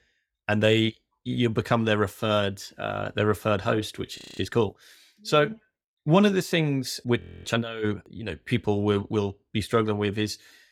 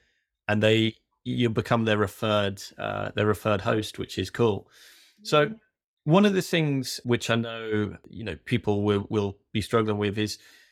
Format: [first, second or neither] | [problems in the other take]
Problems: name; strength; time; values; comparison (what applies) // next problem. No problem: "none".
second | audio freezing; at 4 s and at 7 s